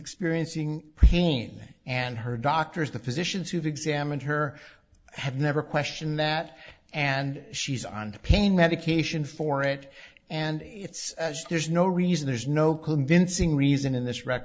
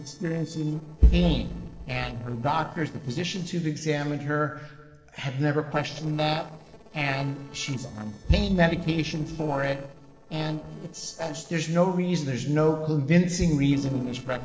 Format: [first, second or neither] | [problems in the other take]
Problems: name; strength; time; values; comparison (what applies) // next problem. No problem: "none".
first | noise reduction (neural separator model SepFormer DNS4)